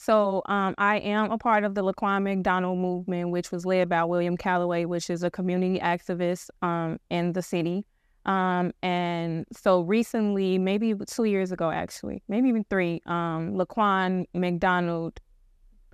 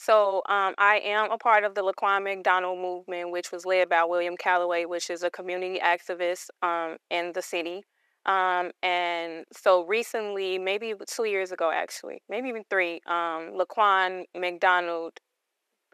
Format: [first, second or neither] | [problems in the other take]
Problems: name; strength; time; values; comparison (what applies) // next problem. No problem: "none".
first | thin; very; fading below 400 Hz